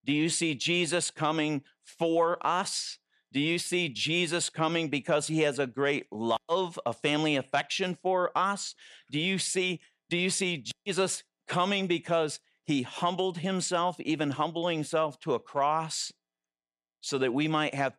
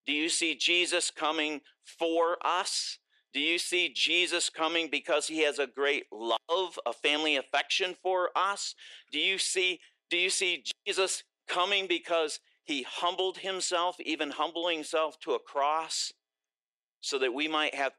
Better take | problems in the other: first | thin; somewhat; fading below 350 Hz

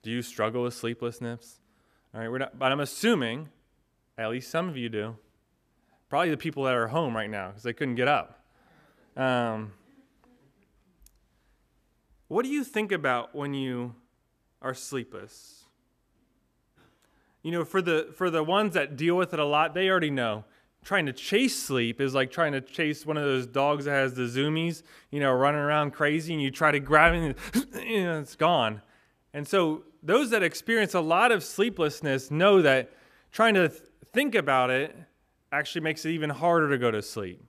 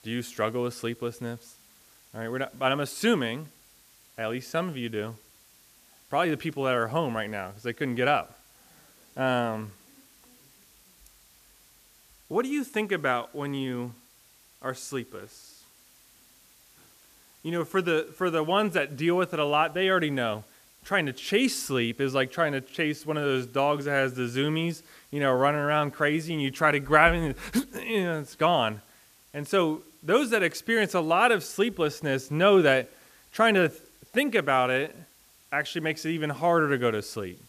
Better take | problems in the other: first | hiss; faint; throughout; 30 dB below the speech

